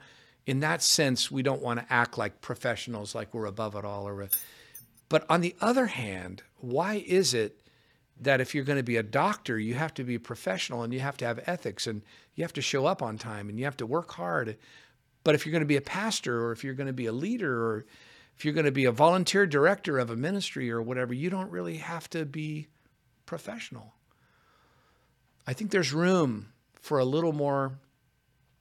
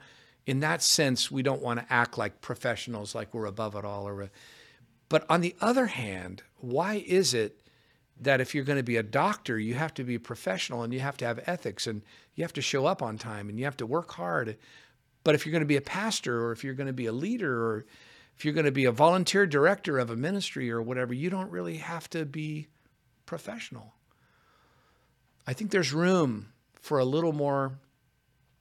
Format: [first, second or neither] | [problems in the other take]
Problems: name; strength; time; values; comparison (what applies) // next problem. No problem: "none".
second | jangling keys; noticeable; at 4.5 s; peak 1 dB below the speech